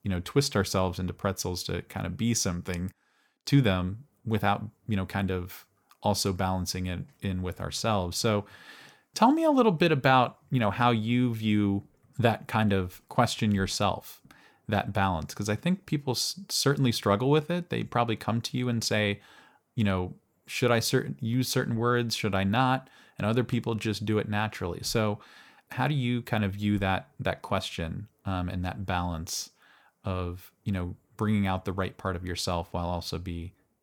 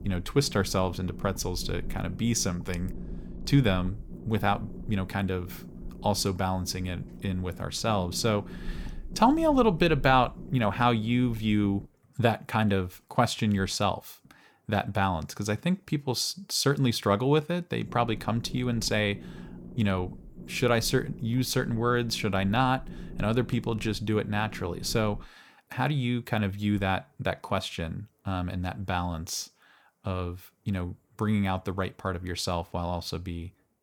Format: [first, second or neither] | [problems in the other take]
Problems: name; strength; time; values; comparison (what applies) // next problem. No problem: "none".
first | low rumble; faint; until 12 s and from 18 to 25 s; 20 dB below the speech